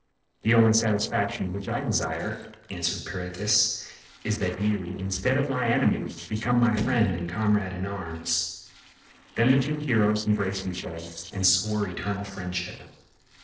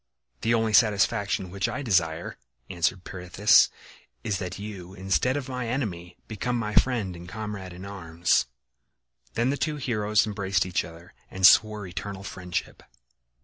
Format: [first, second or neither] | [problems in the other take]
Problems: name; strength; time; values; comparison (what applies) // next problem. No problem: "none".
second | noise reduction (neural separator model SepFormer DNS4)